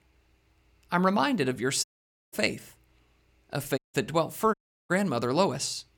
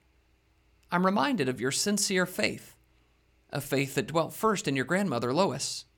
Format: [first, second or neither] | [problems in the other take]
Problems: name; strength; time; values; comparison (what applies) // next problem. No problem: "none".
second | audio cutting out; at 2 s, at 4 s and at 4.5 s